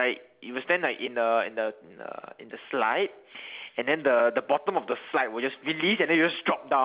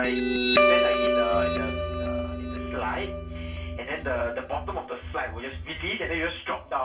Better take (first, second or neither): first